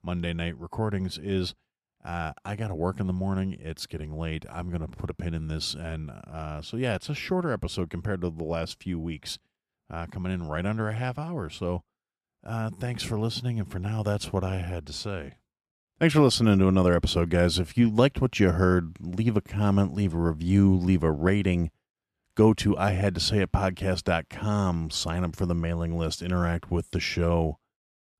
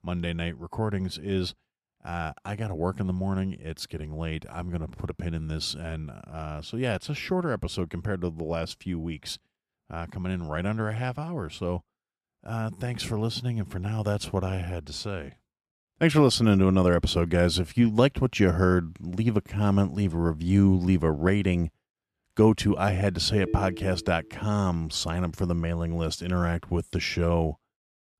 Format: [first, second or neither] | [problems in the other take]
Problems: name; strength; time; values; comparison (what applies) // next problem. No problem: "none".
first | phone ringing; noticeable; from 23 to 24 s; peak 9 dB below the speech